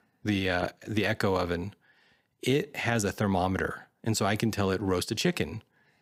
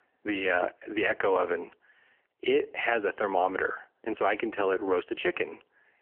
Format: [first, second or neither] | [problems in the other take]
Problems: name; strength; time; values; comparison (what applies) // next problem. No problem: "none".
first | phone-call audio; nothing above 3 kHz